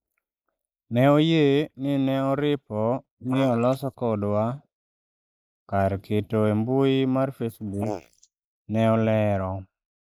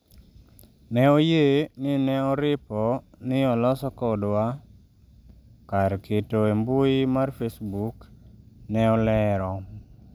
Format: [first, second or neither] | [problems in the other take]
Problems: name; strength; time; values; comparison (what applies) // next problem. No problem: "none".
second | noise reduction (neural mask model Resemble Enhance denoiser)